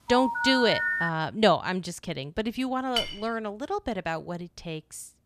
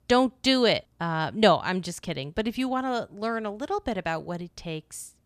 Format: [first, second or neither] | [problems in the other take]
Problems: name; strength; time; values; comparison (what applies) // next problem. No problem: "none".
second | phone ringing; loud; until 1 s; peak 1 dB above the speech // clattering dishes; noticeable; at 3 s; peak 2 dB below the speech